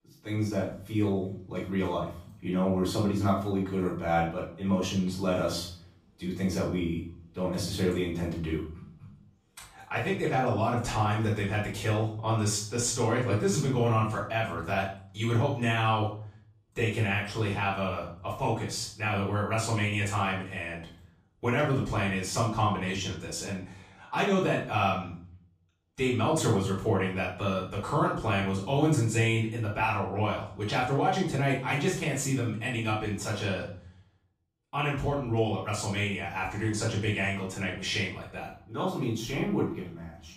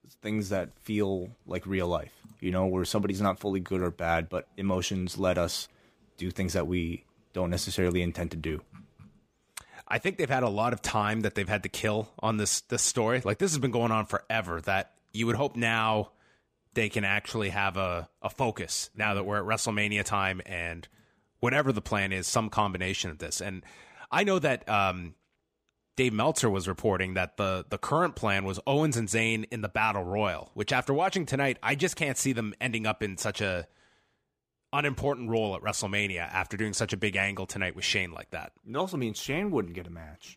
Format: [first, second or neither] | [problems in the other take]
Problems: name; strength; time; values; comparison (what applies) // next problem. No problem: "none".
second | off-mic speech; far // room echo; noticeable; dies away in 0.5 s